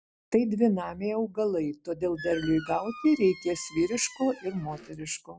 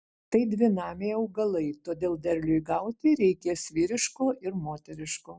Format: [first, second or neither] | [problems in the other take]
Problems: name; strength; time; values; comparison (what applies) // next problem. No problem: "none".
second | background sound (Squeak); 17 dB below the speech